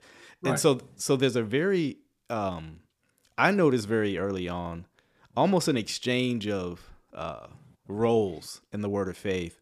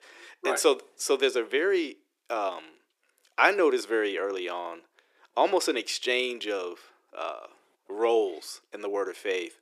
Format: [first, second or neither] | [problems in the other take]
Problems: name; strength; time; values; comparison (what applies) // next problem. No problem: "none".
first | thin; very; fading below 350 Hz